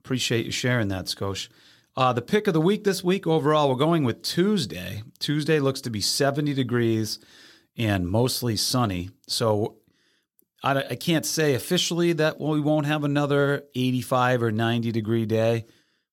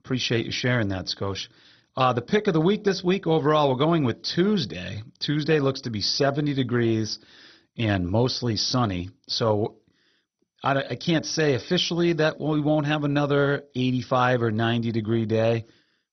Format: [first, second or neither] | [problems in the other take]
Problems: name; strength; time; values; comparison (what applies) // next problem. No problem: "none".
first | garbled, watery; badly; nothing above 6 kHz